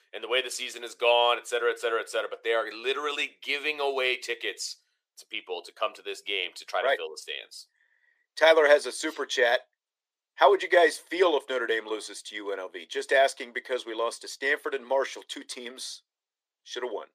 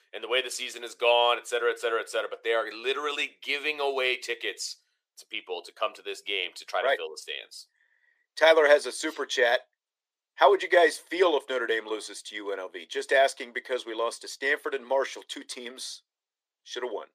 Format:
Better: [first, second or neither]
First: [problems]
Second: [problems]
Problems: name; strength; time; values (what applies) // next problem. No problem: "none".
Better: neither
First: thin; very; fading below 400 Hz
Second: thin; very; fading below 400 Hz